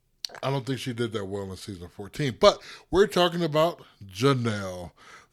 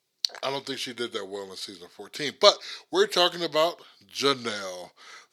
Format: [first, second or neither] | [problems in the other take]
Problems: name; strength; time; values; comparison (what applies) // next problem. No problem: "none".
first | thin; somewhat; fading below 350 Hz